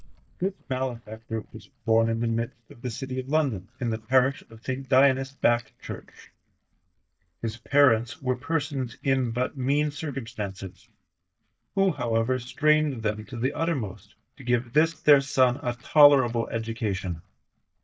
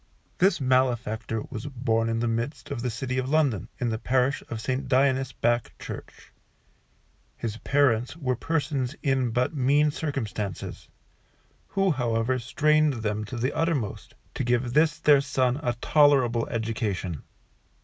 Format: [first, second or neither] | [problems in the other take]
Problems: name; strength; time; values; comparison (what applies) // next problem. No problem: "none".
second | noise reduction (neural mask model DeepFilterNet 3)